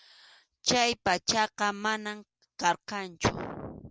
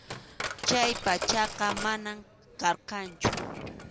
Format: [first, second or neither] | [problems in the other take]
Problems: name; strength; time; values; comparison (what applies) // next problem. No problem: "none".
first | background sound (Coin (dropping)); 8 dB below the speech